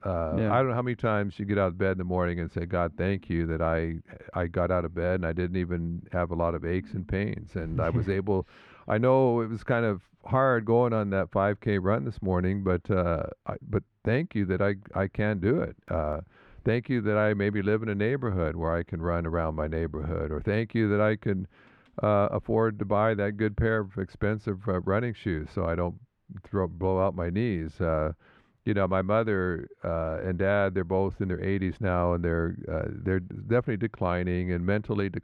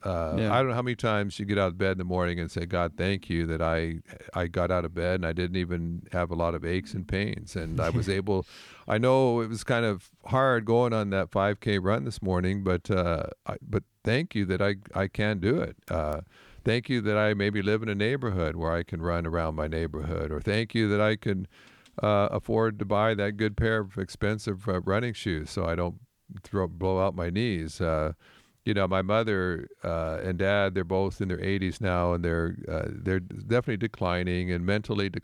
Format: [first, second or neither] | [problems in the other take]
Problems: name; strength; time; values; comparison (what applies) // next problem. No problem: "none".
second | muffled; slightly; fading above 3.5 kHz